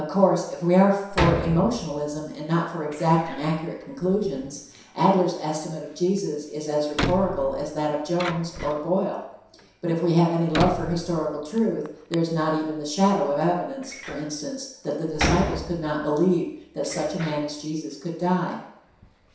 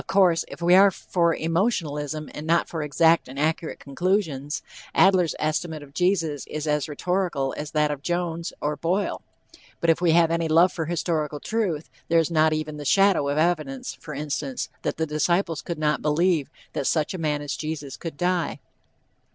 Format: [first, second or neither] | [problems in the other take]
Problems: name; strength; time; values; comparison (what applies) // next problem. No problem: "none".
second | background sound (Door); 10 dB below the speech // room echo; dies away in 0.7 s